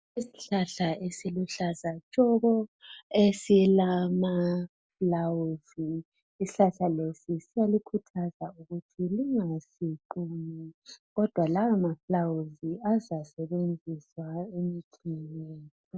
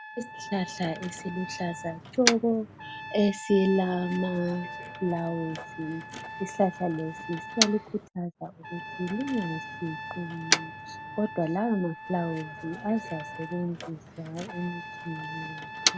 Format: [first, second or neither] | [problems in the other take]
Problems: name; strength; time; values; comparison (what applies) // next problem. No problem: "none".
first | background sound (Trumpet + Motor vehicle (road)); 5 dB below the speech